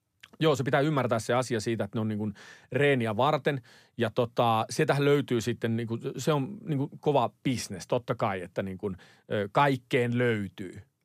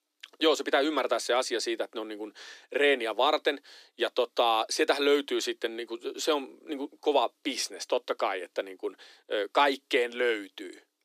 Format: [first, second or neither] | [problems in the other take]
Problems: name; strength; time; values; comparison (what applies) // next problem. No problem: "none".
first | thin; somewhat; fading below 300 Hz